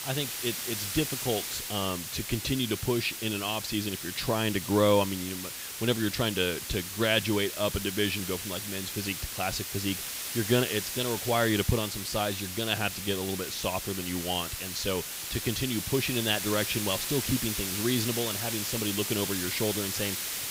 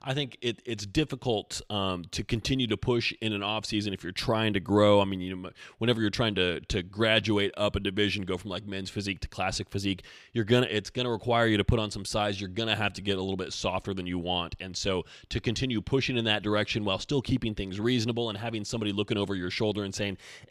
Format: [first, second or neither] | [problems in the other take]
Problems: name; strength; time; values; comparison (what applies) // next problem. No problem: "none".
second | hiss; loud; throughout; 3 dB below the speech